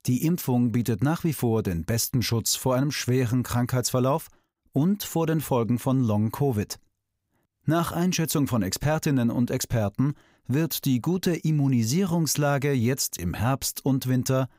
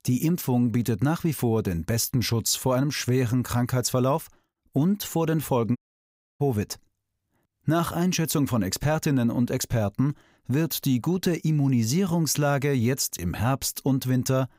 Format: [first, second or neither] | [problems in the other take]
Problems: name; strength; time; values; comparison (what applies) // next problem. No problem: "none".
first | audio cutting out; at 6 s for 0.5 s